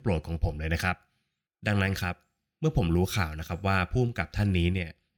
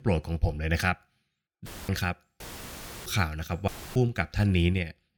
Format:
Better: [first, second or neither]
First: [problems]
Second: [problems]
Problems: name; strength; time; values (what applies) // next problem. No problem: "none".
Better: first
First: none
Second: audio cutting out; filled with static; at 1.5 s, at 2.5 s for 0.5 s and at 3.5 s